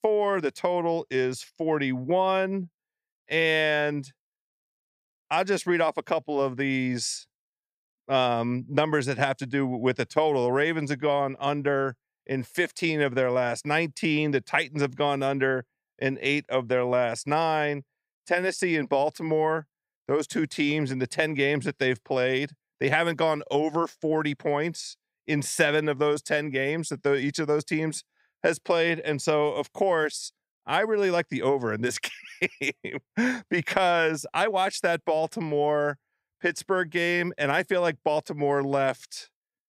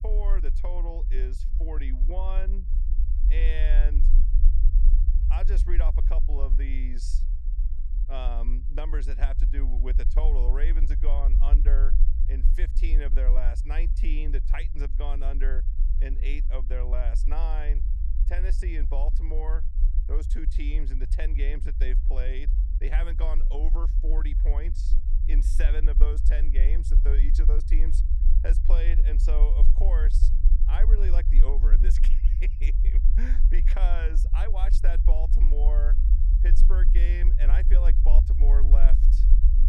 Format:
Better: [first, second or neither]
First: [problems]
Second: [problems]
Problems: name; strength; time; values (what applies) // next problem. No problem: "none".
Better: first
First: none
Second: low rumble; loud; throughout; 8 dB below the speech